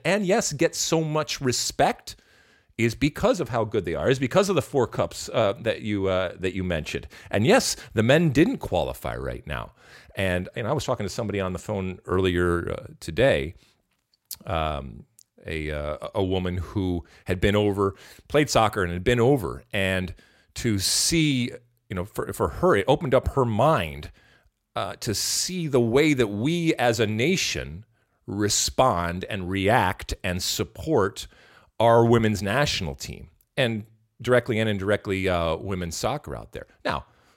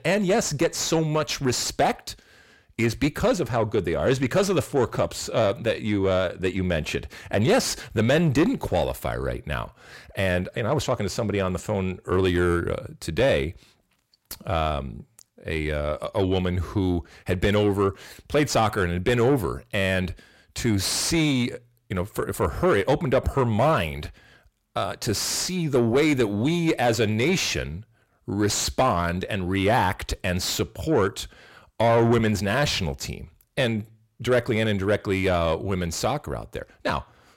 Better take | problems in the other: first | distortion; slight; 10 dB below the speech

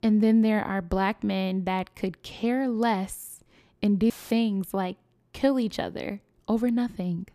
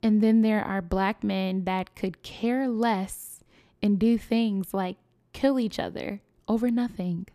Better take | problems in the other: second | audio cutting out; filled with static; at 4 s

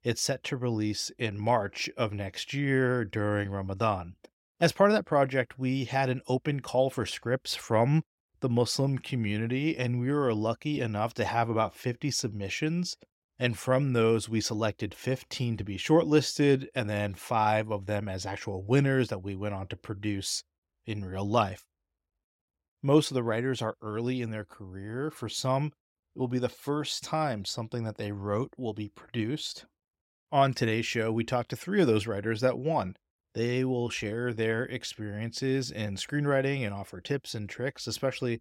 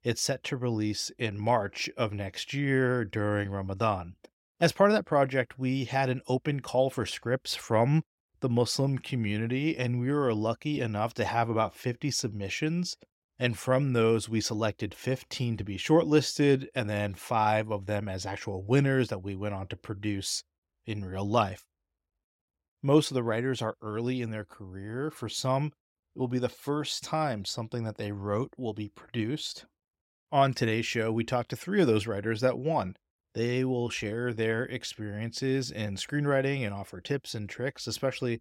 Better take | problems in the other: neither | none

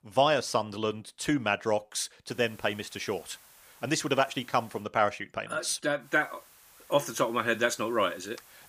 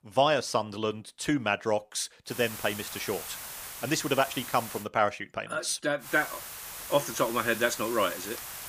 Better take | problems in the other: first | hiss; loud; from 2.5 to 5 s and from 6 s on; 9 dB below the speech; faint in the first

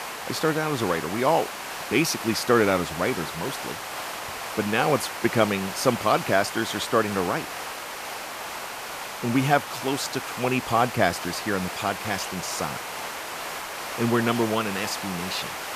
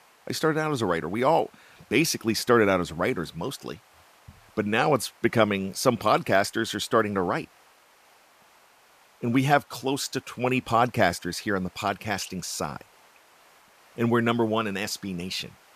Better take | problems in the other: second | hiss; loud; throughout; 7 dB below the speech; faint in the second

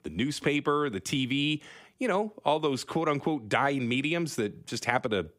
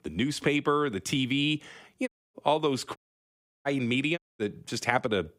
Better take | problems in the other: first | audio cutting out; at 2 s, at 3 s for 0.5 s and at 4 s

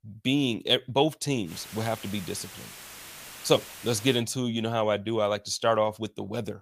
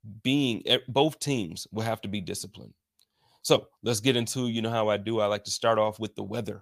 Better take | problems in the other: second | hiss; noticeable; from 1.5 to 4 s; 15 dB below the speech

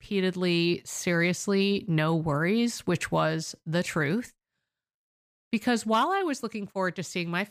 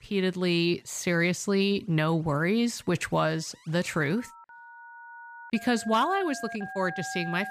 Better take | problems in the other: first | alarms or sirens; noticeable; throughout; 15 dB below the speech

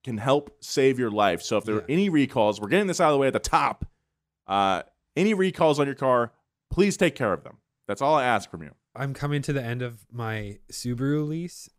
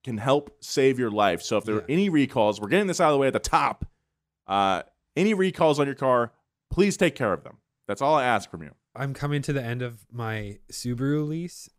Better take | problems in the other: neither | none

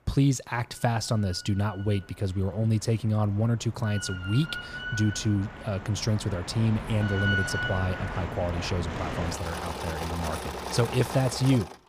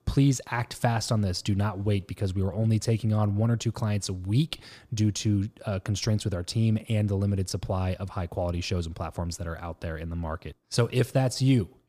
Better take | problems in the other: second | machinery noise; loud; throughout; 6 dB below the speech

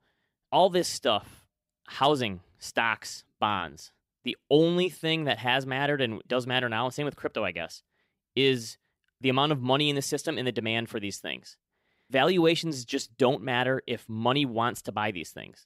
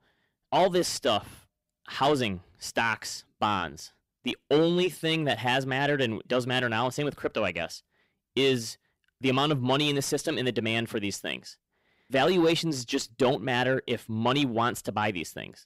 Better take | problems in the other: first | distortion; slight; 10 dB below the speech

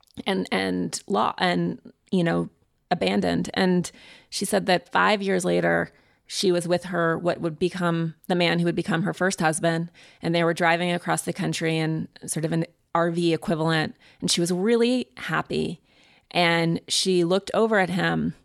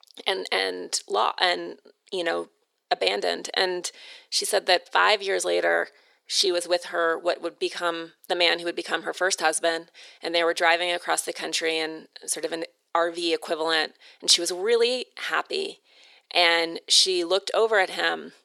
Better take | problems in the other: first | thin; very; fading below 400 Hz

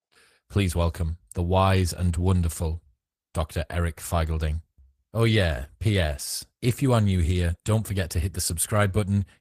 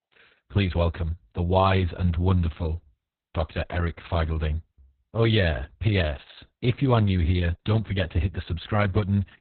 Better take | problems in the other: first | garbled, watery; badly; nothing above 4 kHz; slightly in the first

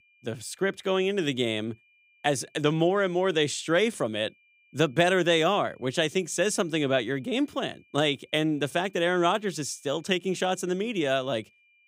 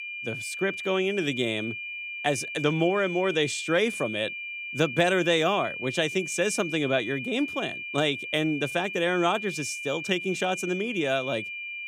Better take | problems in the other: first | high-pitched whine; loud; throughout; 2.5 kHz, 6 dB below the speech; faint in the first

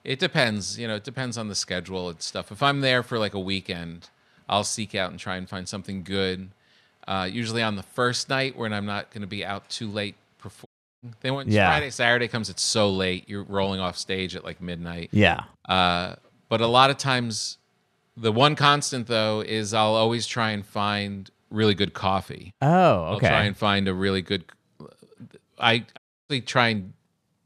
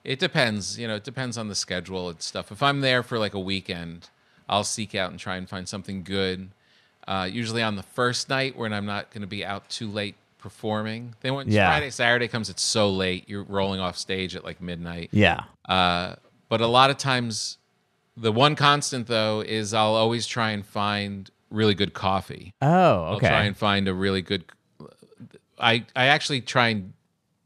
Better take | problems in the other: second | audio cutting out; at 11 s and at 26 s

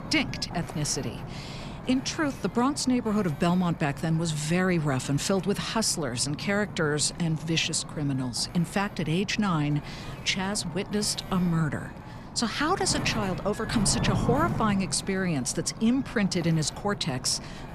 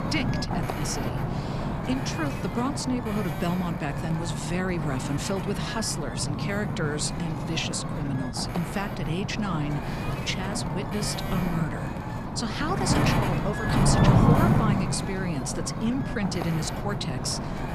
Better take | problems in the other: first | wind noise on the microphone; heavy; as loud as the speech; occasional gusts in the first

